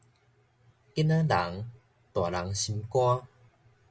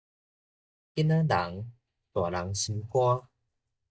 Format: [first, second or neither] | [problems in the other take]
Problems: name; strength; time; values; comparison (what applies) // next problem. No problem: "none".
first | noise reduction (neural mask model DeepFilterNet 3)